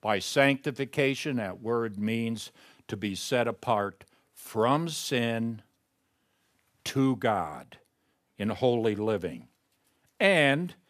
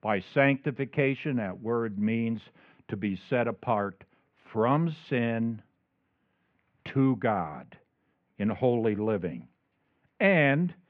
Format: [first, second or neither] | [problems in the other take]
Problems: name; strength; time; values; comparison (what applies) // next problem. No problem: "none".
first | muffled; very; fading above 2.5 kHz